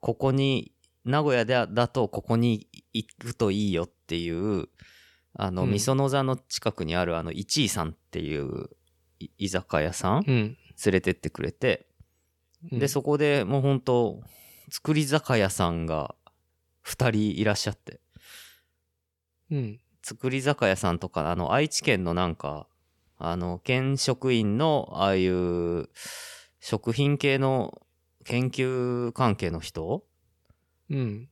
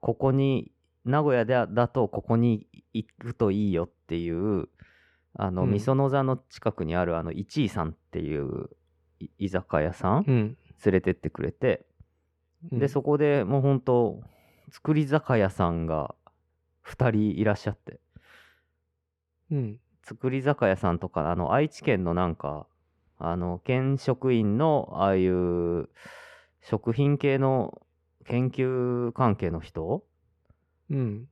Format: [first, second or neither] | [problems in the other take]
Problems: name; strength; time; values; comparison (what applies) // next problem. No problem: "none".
first | muffled; very; fading above 3 kHz